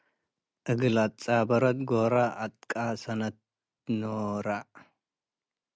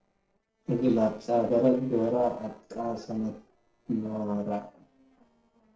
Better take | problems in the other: first | noise reduction (neural separator model SepFormer DNS4)

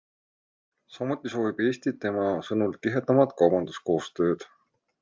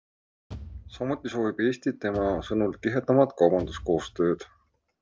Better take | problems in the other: first | background sound (Bass drum / Thump, thud); 18 dB below the speech

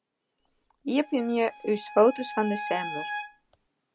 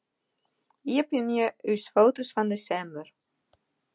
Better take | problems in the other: second | background sound (Bowed string instrument); 11 dB below the speech

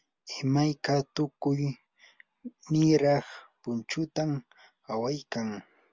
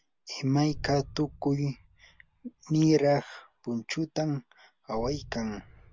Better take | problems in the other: first | background sound (Boom); 18 dB below the speech

